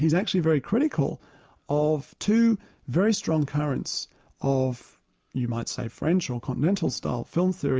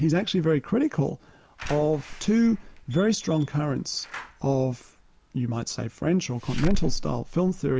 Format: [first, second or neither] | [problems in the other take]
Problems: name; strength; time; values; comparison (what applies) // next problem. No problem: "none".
first | background sound (Slam / Alarm); 8 dB below the speech